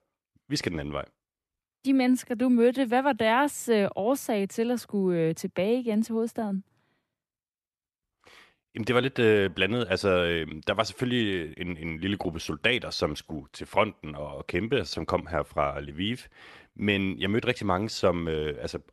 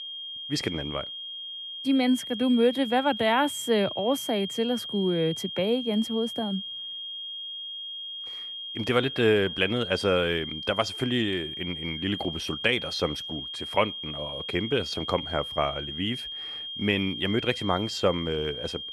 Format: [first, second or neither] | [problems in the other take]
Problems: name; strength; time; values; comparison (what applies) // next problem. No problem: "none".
first | high-pitched whine; loud; throughout; 3 kHz, 7 dB below the speech